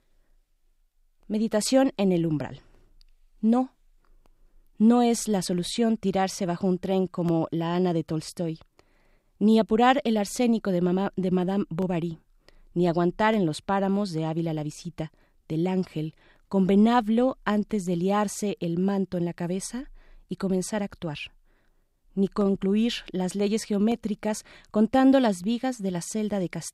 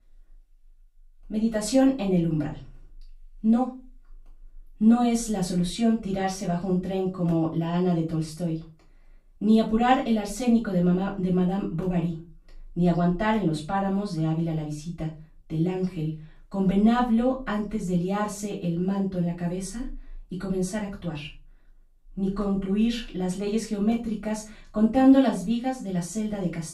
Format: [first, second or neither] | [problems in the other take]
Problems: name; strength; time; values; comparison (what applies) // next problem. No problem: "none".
first | off-mic speech; far // room echo; slight; dies away in 0.3 s